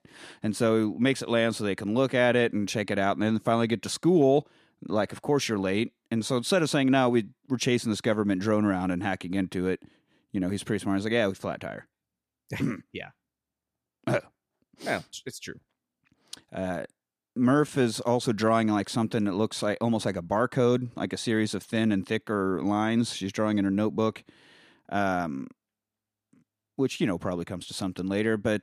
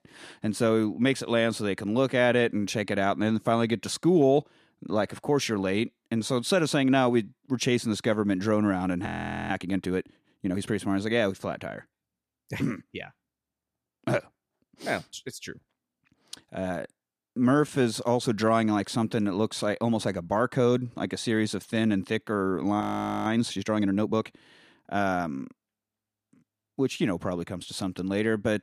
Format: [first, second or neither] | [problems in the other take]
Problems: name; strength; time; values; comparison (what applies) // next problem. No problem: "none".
first | audio freezing; at 9 s and at 23 s